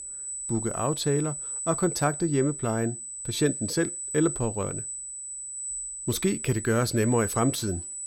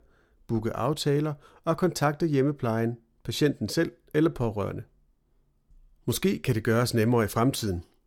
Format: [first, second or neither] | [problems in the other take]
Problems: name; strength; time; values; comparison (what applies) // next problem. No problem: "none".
second | high-pitched whine; loud; throughout; 8 kHz, 5 dB below the speech